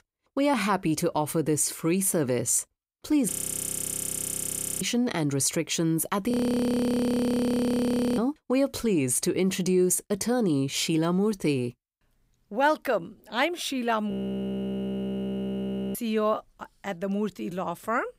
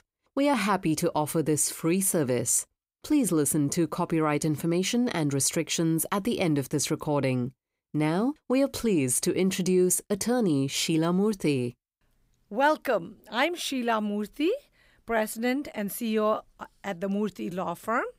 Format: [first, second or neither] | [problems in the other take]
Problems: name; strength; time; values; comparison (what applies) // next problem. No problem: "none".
second | audio freezing; at 3.5 s for 1.5 s, at 6.5 s for 2 s and at 14 s for 2 s